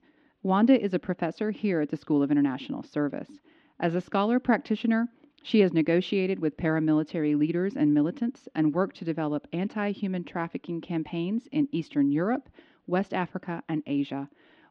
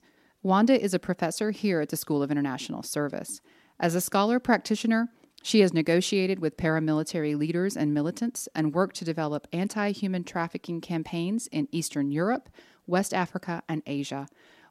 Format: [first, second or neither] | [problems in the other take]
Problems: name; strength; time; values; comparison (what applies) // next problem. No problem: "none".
second | muffled; slightly; fading above 3 kHz